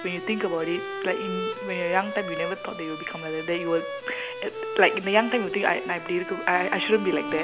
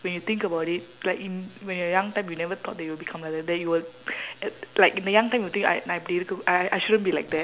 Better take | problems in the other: second | background sound (Bowed string instrument); 7 dB below the speech

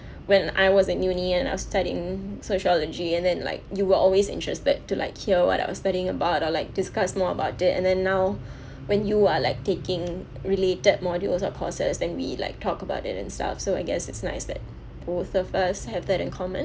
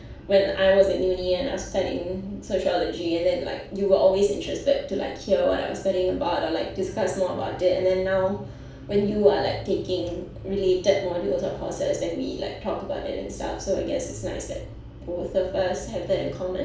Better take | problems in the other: first | room echo; dies away in 0.4 s

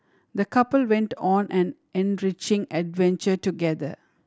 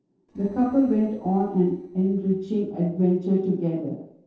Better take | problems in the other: first | noise reduction (neural separator model SepFormer DNS4)

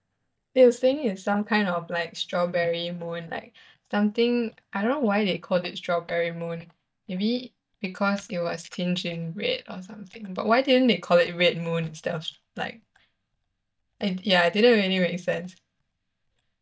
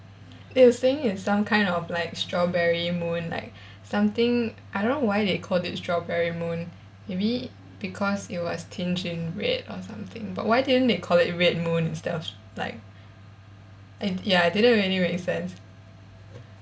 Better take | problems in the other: second | noise reduction (neural mask model DeepFilterNet 3)

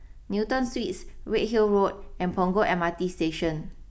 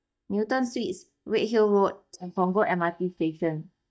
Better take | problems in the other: first | noise reduction (neural mask model DeepFilterNet 3)

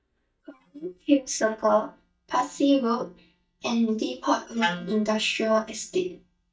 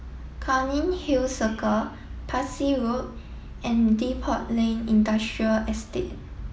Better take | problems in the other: second | noise reduction (neural mask model DeepFilterNet 3)

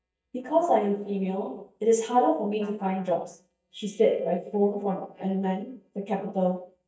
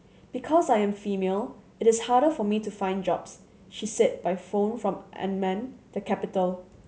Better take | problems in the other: second | noise reduction (neural mask model DeepFilterNet 3)

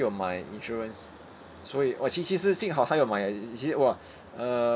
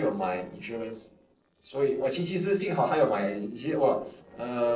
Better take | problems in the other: first | noise reduction (neural separator model SepFormer DNS4)

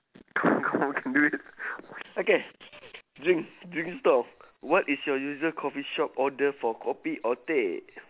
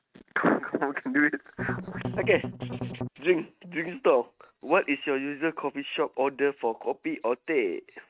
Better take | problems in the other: first | noise reduction (neural mask model RNNoise)

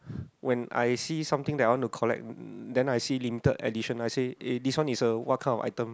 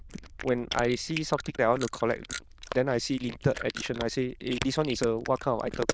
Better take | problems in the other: first | noise reduction (neural diffusion model UNIVERSE++)

